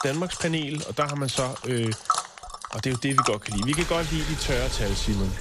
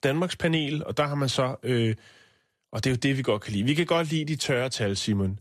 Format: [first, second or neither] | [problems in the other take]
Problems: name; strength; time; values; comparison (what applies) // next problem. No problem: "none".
second | household noises; loud; throughout; 3 dB below the speech